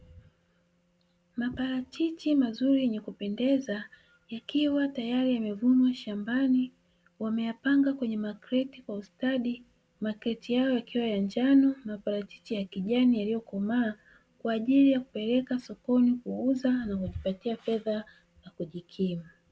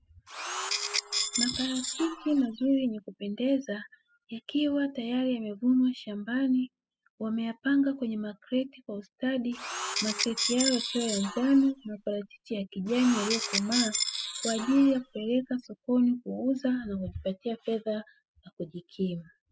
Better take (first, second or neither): first